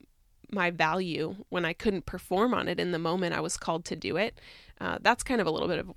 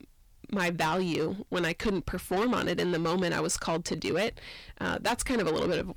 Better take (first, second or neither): first